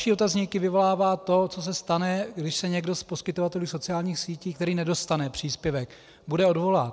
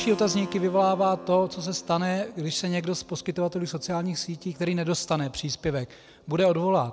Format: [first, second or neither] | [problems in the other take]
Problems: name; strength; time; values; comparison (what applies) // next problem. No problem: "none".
first | background sound (Keyboard (musical)); 18 dB below the speech